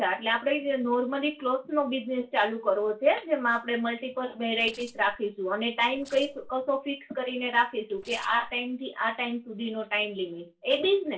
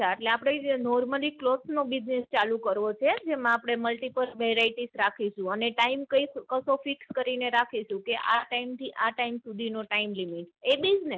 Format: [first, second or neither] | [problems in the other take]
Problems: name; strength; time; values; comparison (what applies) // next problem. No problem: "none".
second | noise reduction (neural separator model SepFormer DNS4)